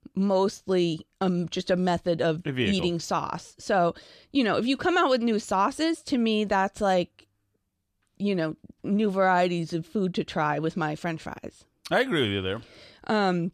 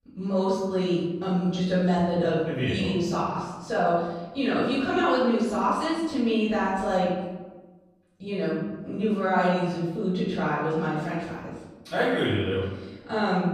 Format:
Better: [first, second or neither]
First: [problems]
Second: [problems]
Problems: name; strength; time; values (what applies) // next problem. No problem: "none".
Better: first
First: none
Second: off-mic speech; far // room echo; strong; dies away in 1.1 s